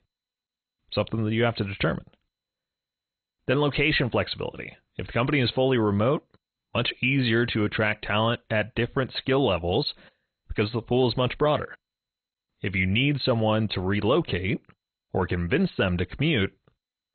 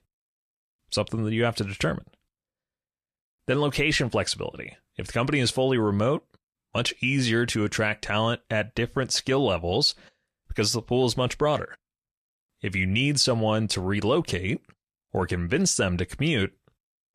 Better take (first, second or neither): second